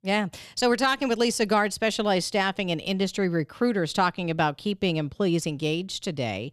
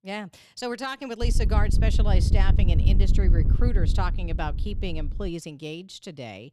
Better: first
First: none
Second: wind noise on the microphone; heavy; from 1 to 5.5 s; 7 dB below the speech

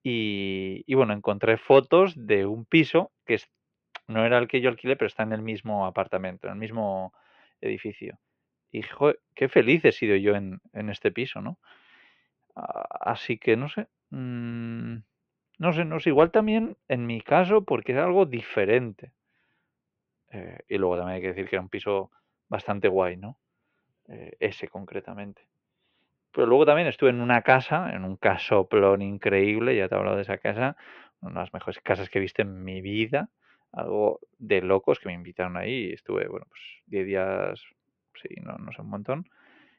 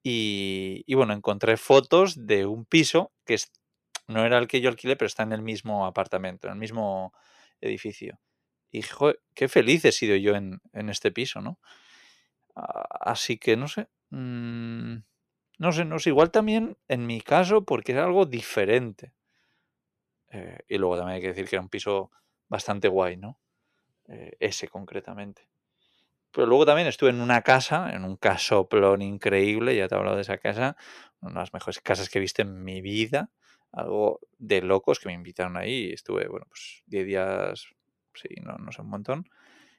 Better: second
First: muffled; very; fading above 2.5 kHz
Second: none

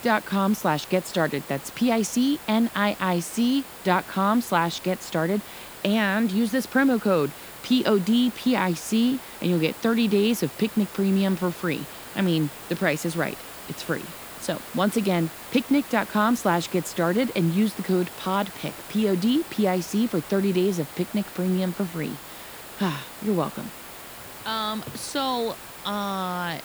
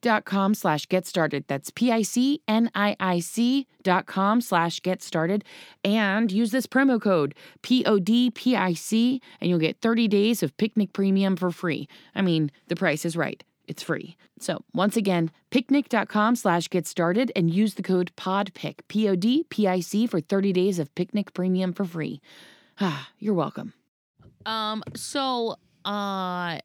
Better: second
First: hiss; noticeable; throughout; 15 dB below the speech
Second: none

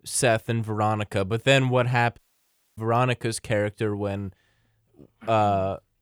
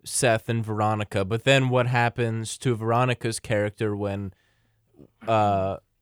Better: second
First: audio cutting out; at 2 s for 0.5 s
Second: none

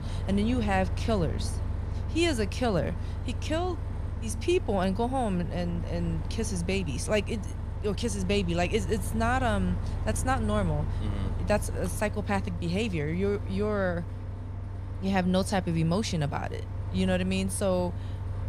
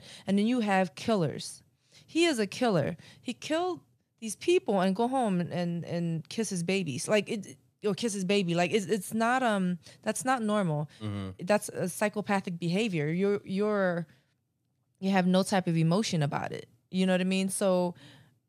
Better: second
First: traffic noise; loud; throughout; 5 dB below the speech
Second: none

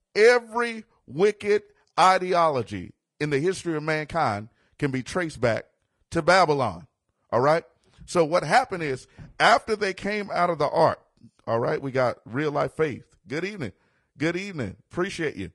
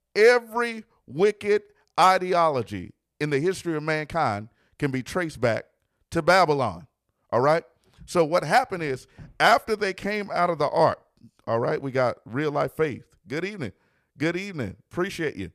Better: second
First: garbled, watery; slightly; nothing above 10.5 kHz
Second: none

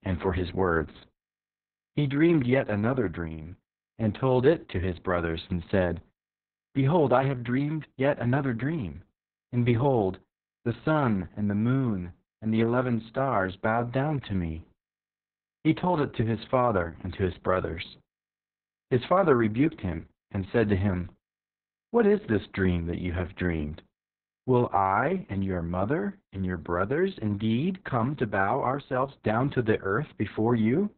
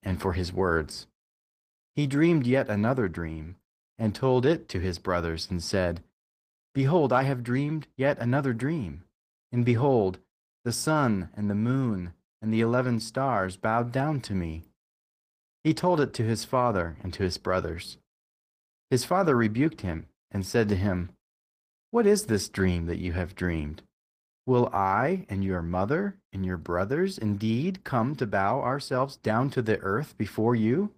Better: second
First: garbled, watery; badly; nothing above 4 kHz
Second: garbled, watery; slightly; nothing above 15 kHz

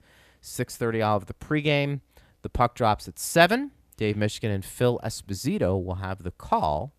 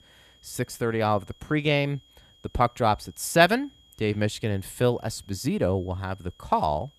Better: first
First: none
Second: high-pitched whine; faint; throughout; 3.5 kHz, 30 dB below the speech

